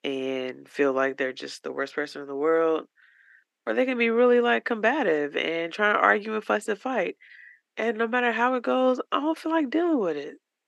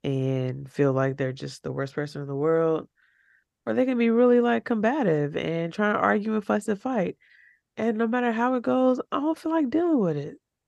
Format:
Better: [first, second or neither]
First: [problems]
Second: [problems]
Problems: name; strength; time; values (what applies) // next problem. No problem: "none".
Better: second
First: thin; very slightly; fading below 250 Hz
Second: none